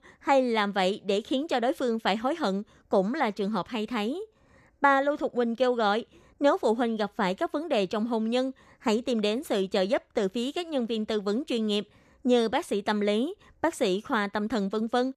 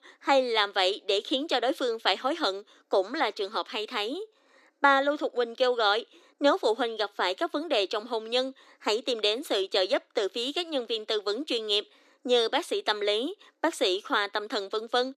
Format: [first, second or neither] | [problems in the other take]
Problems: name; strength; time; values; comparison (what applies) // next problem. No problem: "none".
first | thin; somewhat; fading below 300 Hz